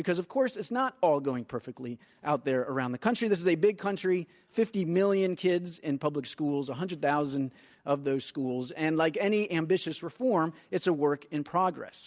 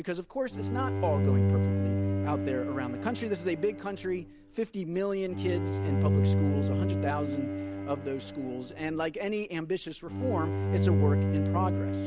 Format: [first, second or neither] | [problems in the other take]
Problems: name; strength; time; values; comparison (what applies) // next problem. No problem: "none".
first | background sound (Bowed string instrument); 4 dB above the speech